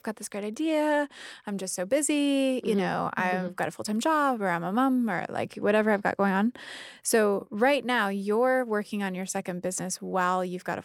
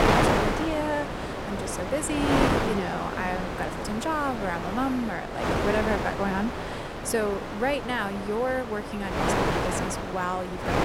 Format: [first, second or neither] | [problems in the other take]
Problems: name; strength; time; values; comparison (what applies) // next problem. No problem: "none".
first | wind noise on the microphone; heavy; 1 dB above the speech